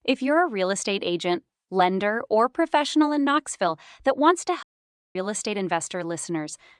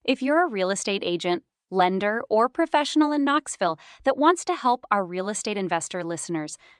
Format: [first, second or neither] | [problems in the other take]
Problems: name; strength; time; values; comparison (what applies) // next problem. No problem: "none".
second | audio cutting out; at 4.5 s for 0.5 s